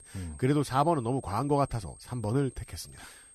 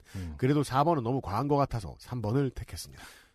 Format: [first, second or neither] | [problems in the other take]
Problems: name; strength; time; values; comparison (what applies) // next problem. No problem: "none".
second | high-pitched whine; faint; throughout; 8.5 kHz, 20 dB below the speech